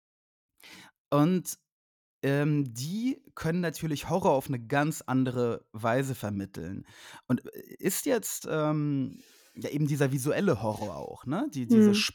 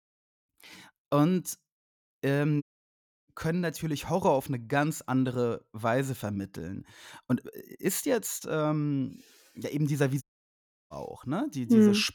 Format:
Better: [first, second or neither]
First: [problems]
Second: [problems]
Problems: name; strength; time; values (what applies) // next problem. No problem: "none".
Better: first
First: none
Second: audio cutting out; at 2.5 s for 0.5 s and at 10 s for 0.5 s